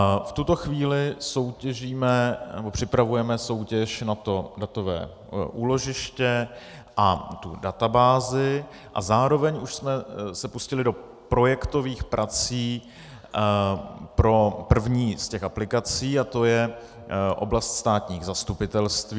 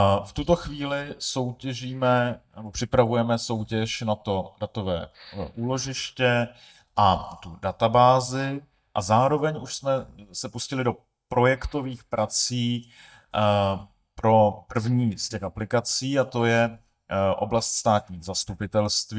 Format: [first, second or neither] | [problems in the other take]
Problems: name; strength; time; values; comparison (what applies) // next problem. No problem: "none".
first | noise reduction (neural mask model DeepFilterNet 3)